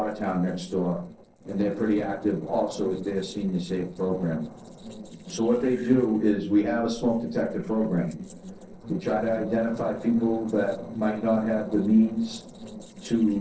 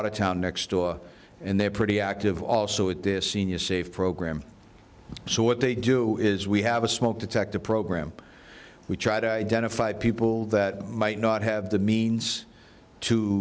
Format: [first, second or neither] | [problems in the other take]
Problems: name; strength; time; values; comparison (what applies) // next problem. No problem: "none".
second | noise reduction (neural separator model SepFormer DNS4)